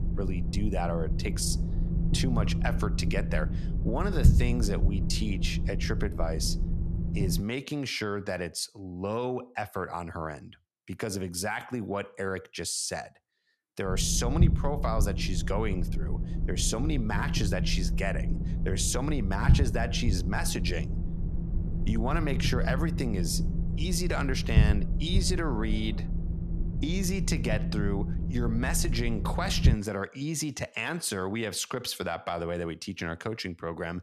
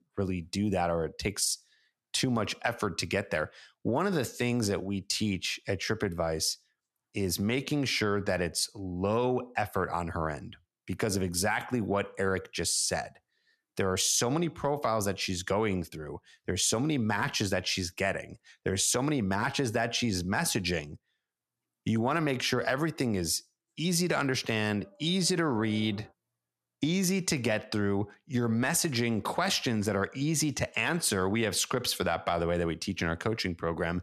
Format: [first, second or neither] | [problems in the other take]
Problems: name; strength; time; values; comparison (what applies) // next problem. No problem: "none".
second | low rumble; loud; until 7.5 s and from 14 to 30 s; 9 dB below the speech